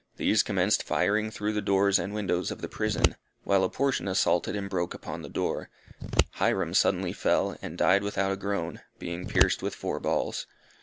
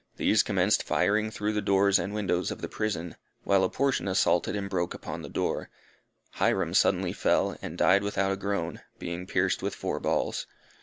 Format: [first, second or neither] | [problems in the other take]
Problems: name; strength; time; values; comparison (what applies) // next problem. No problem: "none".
second | background sound (Scissors); 3 dB below the speech